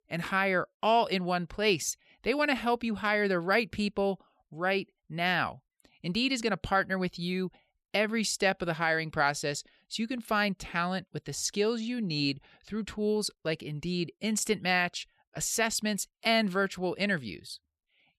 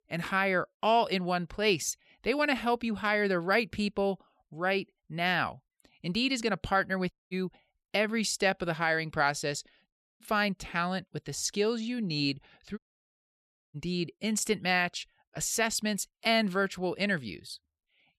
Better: first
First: none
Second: audio cutting out; at 7 s, at 10 s and at 13 s for 1 s

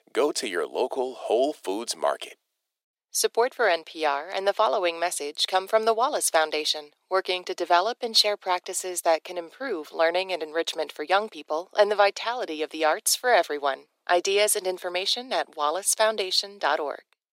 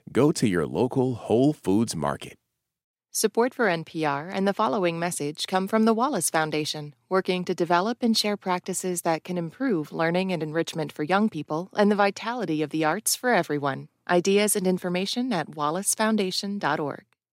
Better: second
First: thin; very; fading below 400 Hz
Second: none

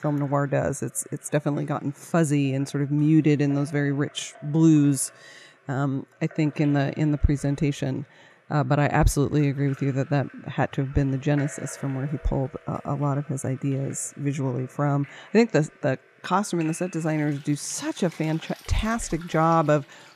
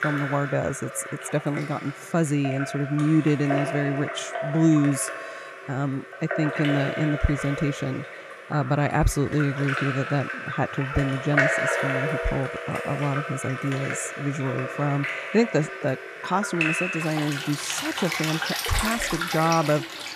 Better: first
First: rain or running water; faint; throughout; 25 dB below the speech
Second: rain or running water; loud; throughout; 4 dB below the speech

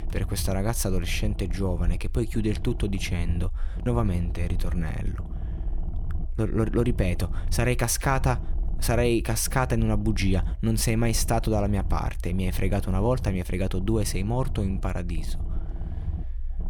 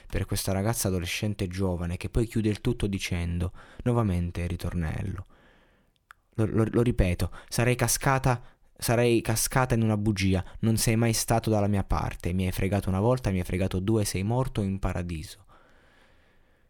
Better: second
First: low rumble; noticeable; throughout; 20 dB below the speech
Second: none

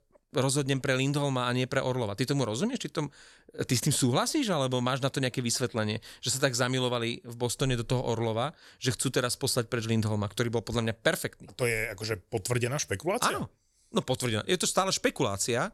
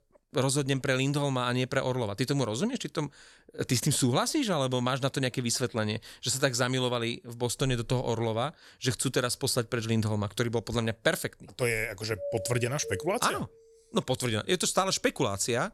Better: first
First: none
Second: doorbell; noticeable; from 12 to 13 s; peak 8 dB below the speech

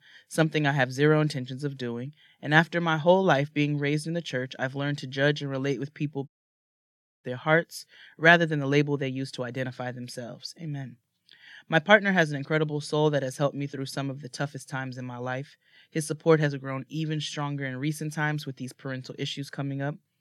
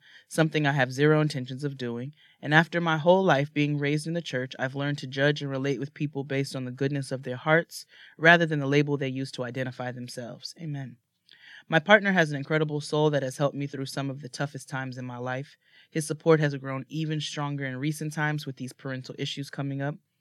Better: second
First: audio cutting out; at 6.5 s for 1 s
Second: none

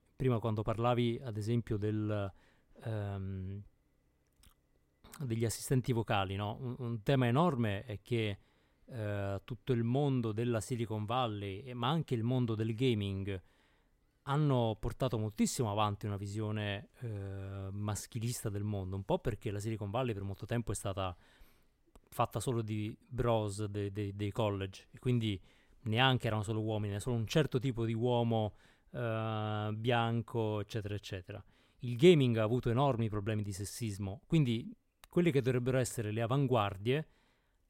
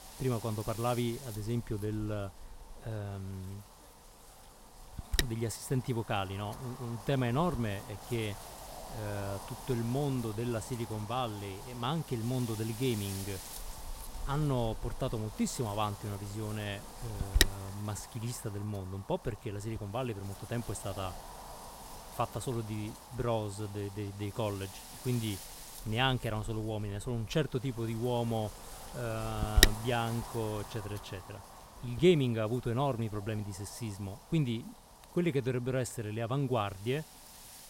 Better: first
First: none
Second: wind noise on the microphone; heavy; 4 dB below the speech

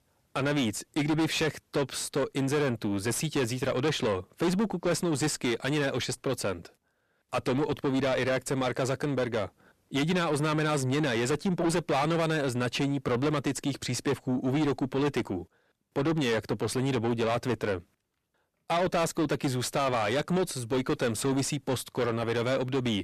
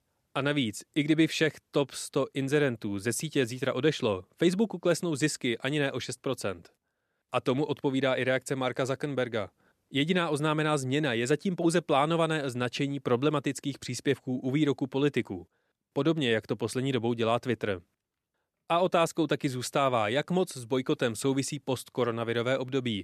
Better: second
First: distortion; heavy; 7 dB below the speech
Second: none

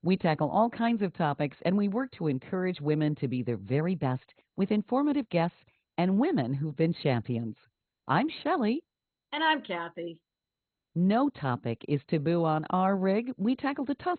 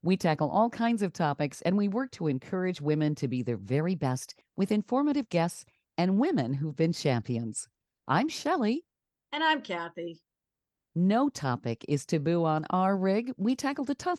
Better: second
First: garbled, watery; badly; nothing above 4 kHz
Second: none

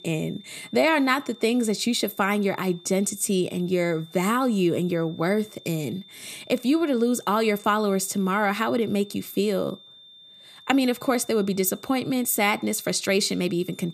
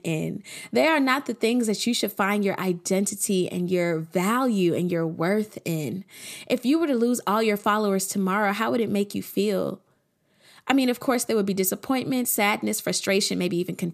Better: second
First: high-pitched whine; faint; throughout; 3.5 kHz, 25 dB below the speech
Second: none

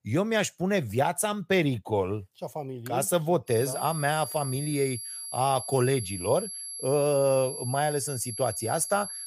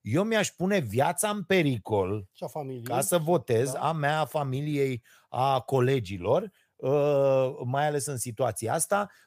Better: second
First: high-pitched whine; loud; from 3.5 s on; 11 kHz, 8 dB below the speech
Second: none

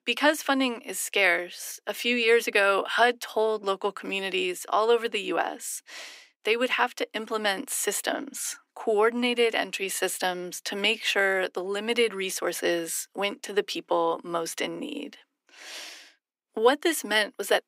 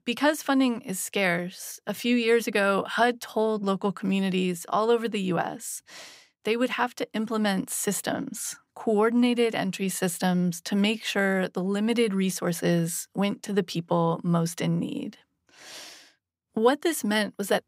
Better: second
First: thin; somewhat; fading below 300 Hz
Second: none

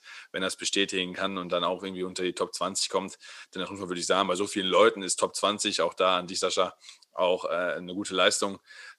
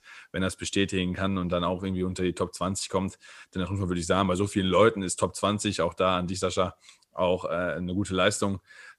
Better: second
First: thin; somewhat; fading below 300 Hz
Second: none

